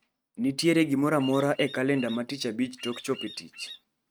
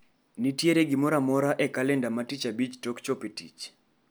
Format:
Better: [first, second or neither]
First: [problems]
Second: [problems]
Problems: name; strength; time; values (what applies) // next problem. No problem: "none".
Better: second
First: noise reduction (neural mask model RNNoise)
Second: none